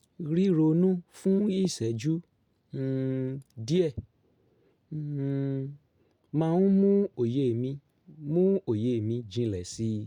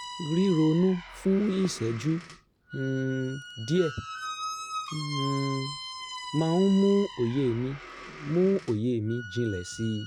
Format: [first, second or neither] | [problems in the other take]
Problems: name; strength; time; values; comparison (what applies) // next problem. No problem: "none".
first | background sound (Squeak); 12 dB below the speech